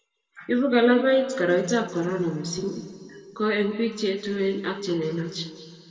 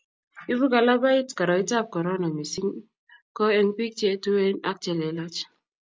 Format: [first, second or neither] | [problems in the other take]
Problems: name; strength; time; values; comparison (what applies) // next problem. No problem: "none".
second | room echo; dies away in 2.2 s